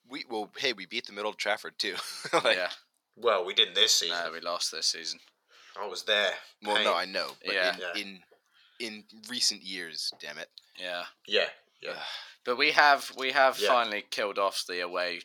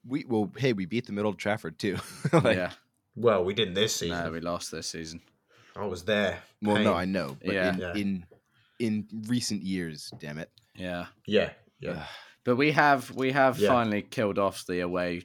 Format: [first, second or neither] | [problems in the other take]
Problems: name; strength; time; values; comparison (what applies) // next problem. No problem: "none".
second | thin; very; fading below 650 Hz